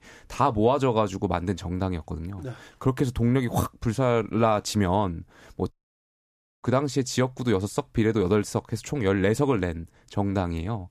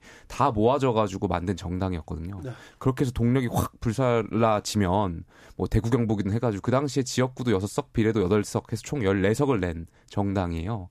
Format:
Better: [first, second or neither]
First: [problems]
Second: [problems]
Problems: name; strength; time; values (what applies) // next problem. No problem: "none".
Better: second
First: audio cutting out; at 5.5 s for 1 s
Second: none